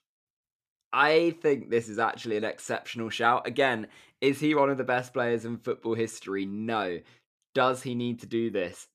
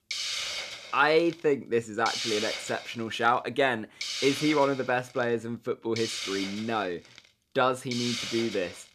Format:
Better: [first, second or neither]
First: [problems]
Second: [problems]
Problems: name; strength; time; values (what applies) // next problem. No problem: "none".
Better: first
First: none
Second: hiss; loud; throughout; 5 dB below the speech